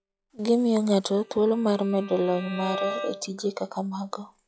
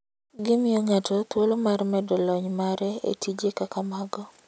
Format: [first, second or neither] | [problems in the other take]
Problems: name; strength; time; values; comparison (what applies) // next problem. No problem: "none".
second | noise reduction (classical method log-MMSE)